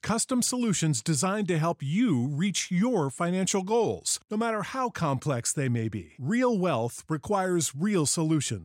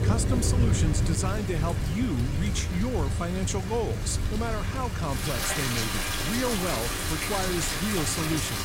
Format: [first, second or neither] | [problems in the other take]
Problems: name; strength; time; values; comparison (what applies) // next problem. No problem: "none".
first | rain or running water; very loud; throughout; 2 dB above the speech